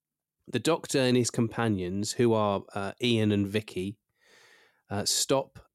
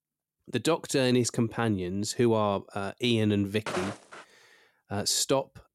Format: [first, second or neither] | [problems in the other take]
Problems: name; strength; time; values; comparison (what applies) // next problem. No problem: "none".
first | footsteps; noticeable; at 3.5 s; peak 7 dB below the speech